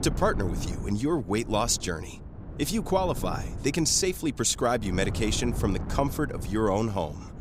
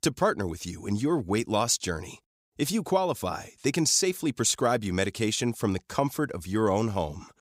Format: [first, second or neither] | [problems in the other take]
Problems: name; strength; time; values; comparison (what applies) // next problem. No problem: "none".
second | wind noise on the microphone; occasional gusts; 15 dB below the speech